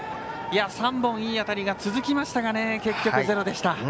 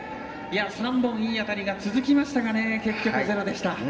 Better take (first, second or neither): first